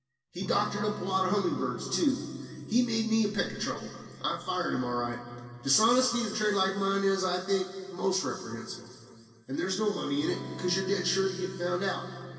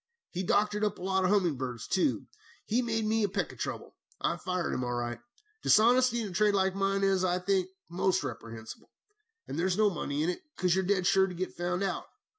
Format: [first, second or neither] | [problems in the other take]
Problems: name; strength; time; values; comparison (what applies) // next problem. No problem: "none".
second | background sound (Electric guitar / Strum); 16 dB below the speech // room echo; dies away in 2.4 s